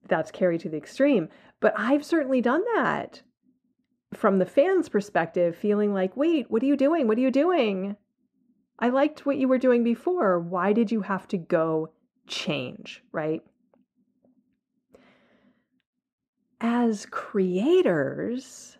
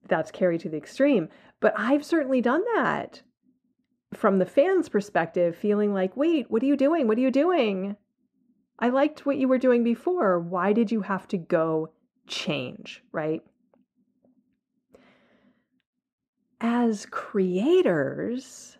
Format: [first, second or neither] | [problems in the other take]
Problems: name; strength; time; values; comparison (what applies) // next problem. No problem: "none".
neither | muffled; very; fading above 3 kHz; the same in both